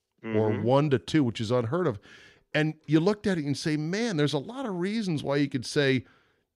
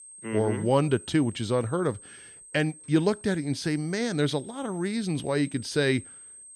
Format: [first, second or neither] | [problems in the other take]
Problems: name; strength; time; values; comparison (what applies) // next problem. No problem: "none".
first | high-pitched whine; noticeable; throughout; 8.5 kHz, 20 dB below the speech